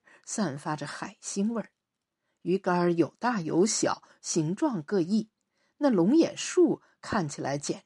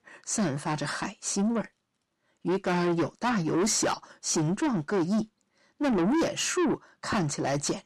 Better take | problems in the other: first | distortion; heavy; 6 dB below the speech

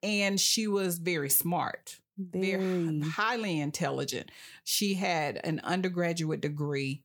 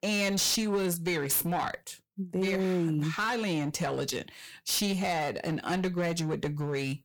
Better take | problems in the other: first | distortion; slight; 12% of the sound clipped

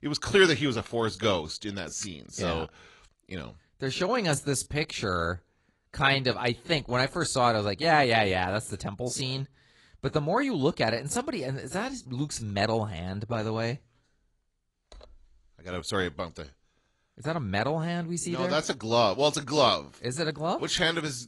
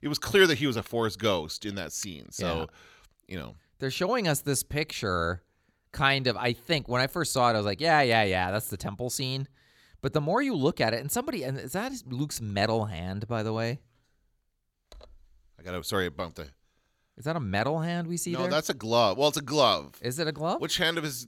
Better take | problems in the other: second | garbled, watery; slightly; nothing above 11.5 kHz

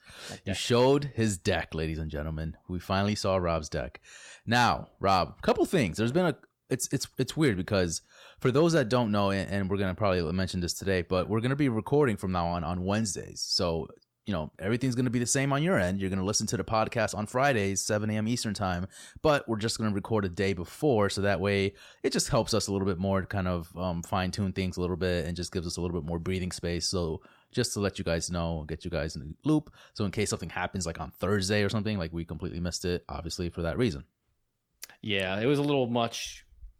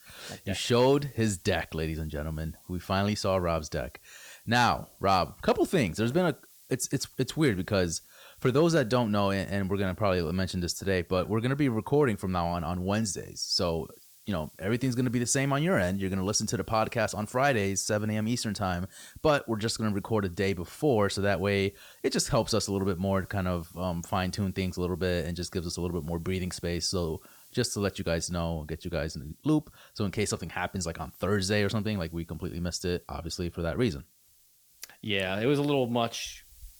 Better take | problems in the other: first | hiss; faint; throughout; 25 dB below the speech

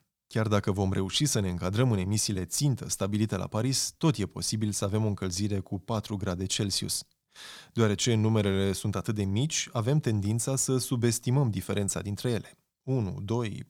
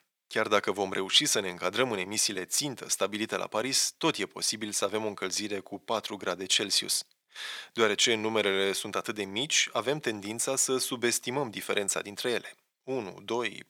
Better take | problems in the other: first | thin; very; fading below 450 Hz

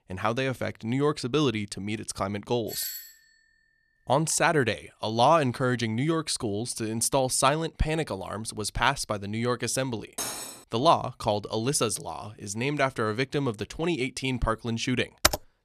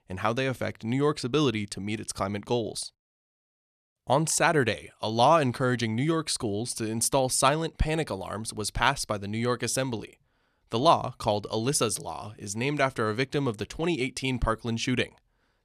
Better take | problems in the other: second | doorbell; noticeable; at 2.5 s; peak 6 dB below the speech // clattering dishes; noticeable; at 10 s; peak 5 dB below the speech // keyboard typing; loud; at 15 s; peak 3 dB above the speech

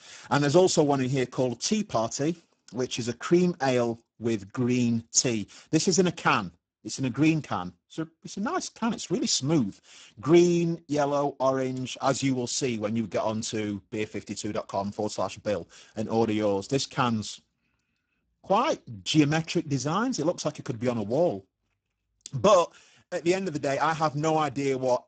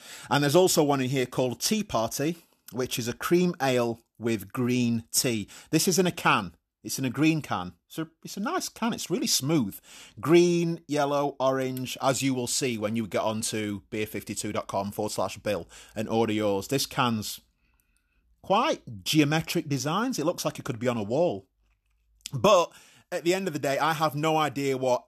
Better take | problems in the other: second | garbled, watery; badly; nothing above 7.5 kHz

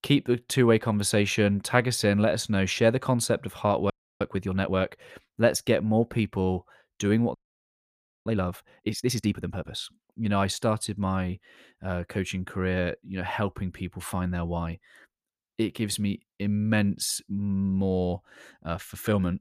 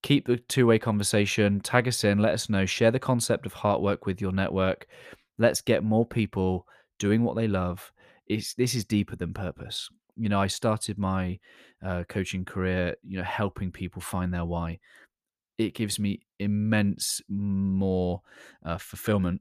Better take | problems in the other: second | audio freezing; at 4 s and at 7.5 s for 1 s

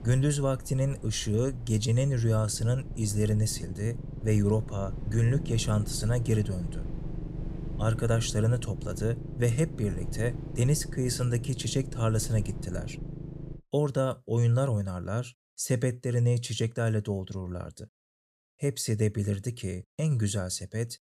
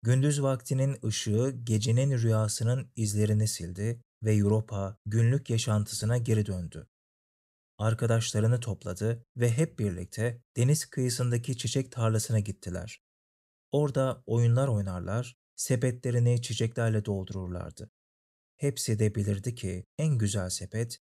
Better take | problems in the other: second | low rumble; noticeable; until 14 s; 15 dB below the speech

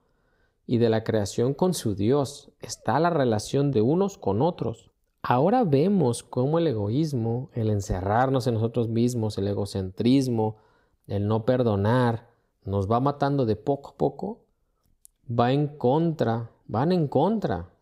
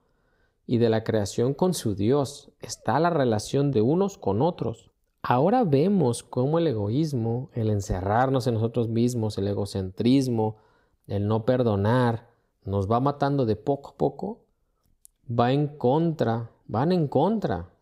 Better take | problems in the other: neither | none

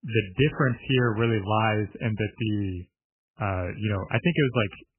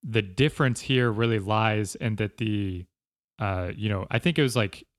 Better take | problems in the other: second | garbled, watery; badly; nothing above 3 kHz

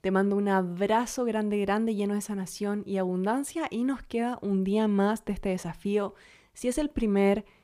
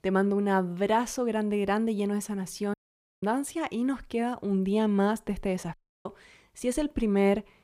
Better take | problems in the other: first | audio cutting out; at 2.5 s and at 5.5 s

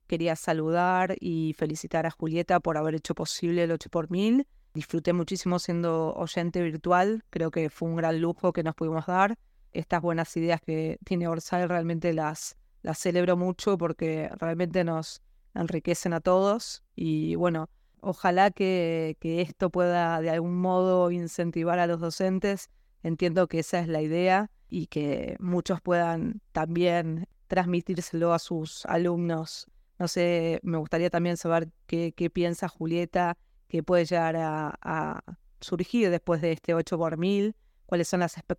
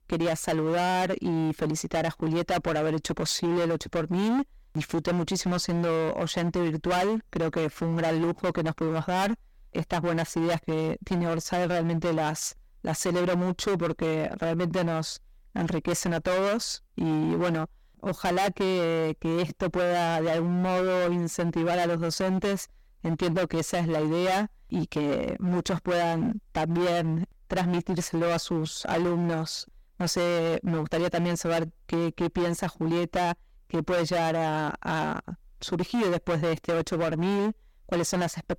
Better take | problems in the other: first | distortion; heavy; 24% of the sound clipped

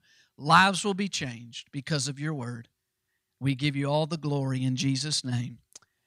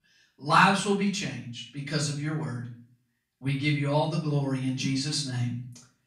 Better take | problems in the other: first | room echo; slight; dies away in 0.4 s // off-mic speech; far

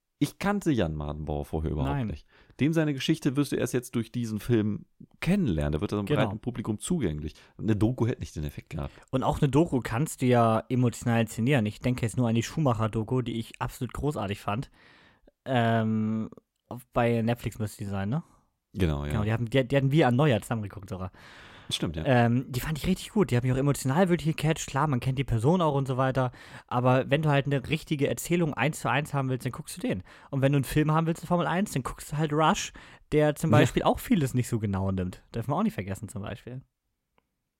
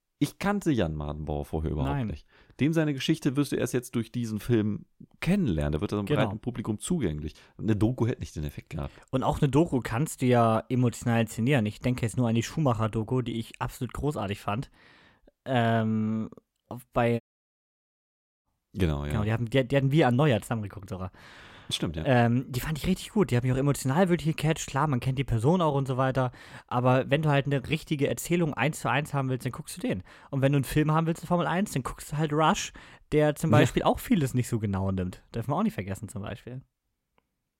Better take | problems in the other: first | audio cutting out; at 17 s for 1 s

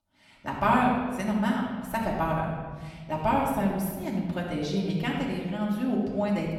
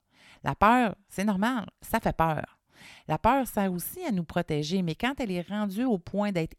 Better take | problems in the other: second | off-mic speech; far // room echo; noticeable; dies away in 1.6 s

